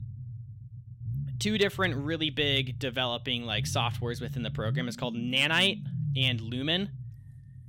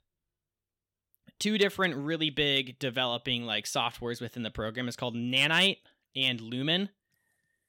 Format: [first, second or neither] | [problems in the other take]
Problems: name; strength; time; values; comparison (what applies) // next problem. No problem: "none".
second | low rumble; faint; throughout; 20 dB below the speech